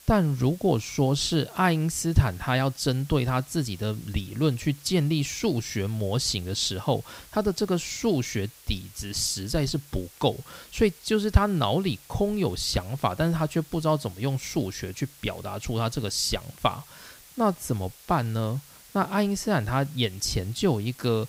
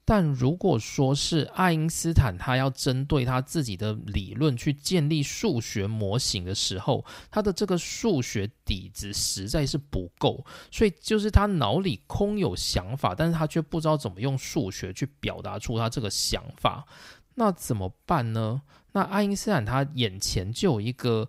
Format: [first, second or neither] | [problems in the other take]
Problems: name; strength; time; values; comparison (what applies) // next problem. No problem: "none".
second | hiss; faint; throughout; 20 dB below the speech